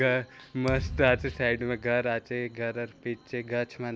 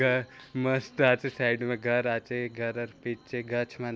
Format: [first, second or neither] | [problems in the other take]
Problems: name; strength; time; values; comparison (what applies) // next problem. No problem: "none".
second | background sound (Thump, thud); 11 dB below the speech